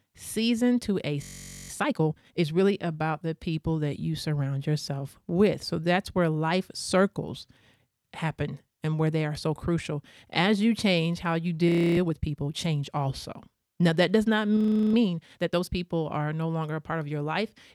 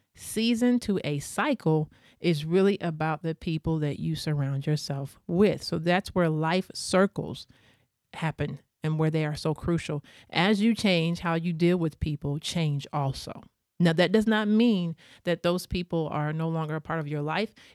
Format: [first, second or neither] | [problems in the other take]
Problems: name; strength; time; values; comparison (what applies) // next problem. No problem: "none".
second | audio freezing; at 1 s, at 12 s and at 15 s